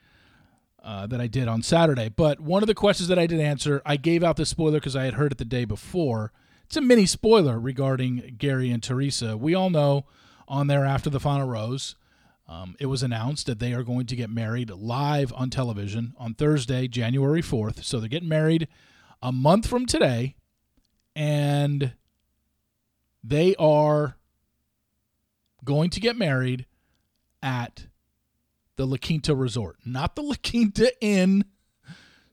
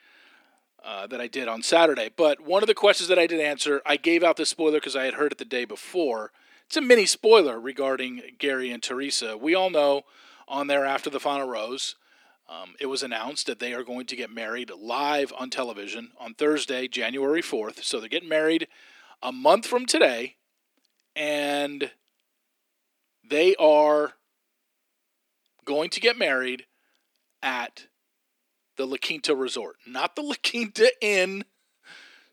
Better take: first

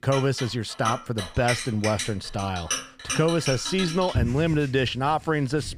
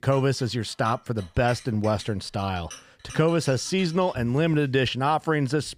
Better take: second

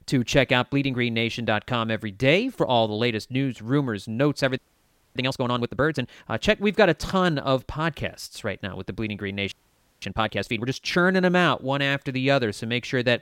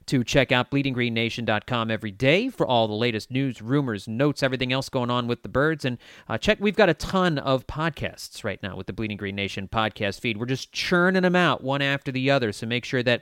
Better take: second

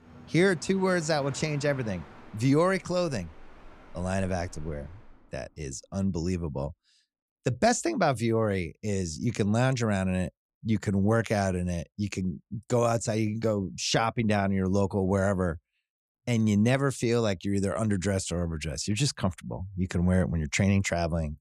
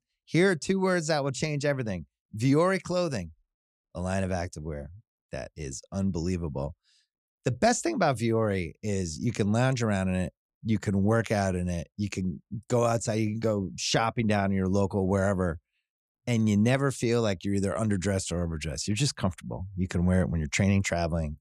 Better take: second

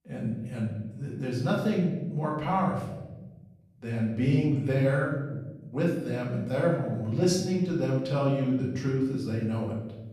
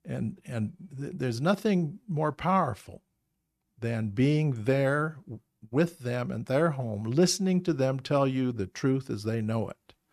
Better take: second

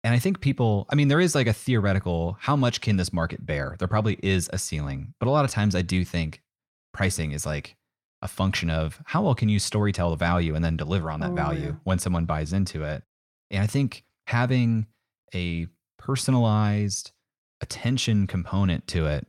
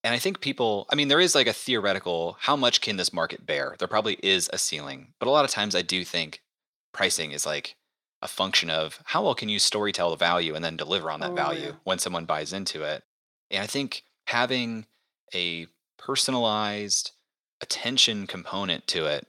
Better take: first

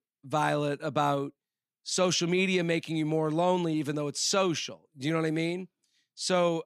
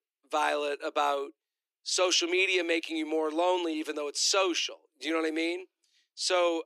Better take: first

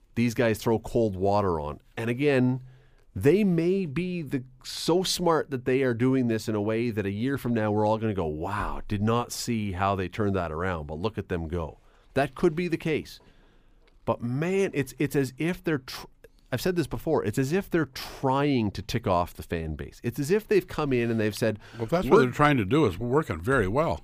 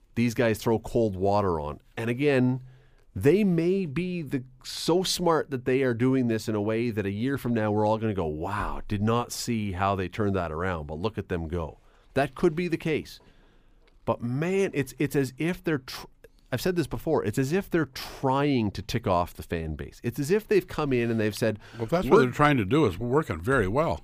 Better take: neither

